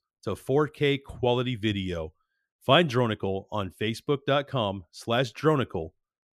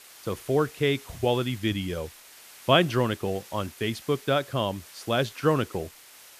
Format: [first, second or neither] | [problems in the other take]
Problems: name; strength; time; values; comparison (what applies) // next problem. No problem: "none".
first | hiss; noticeable; throughout; 20 dB below the speech